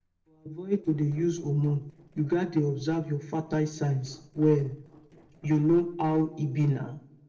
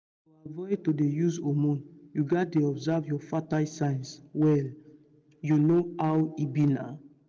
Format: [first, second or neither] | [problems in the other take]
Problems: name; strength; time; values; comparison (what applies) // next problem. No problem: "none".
second | noise reduction (neural separator model SepFormer DNS4)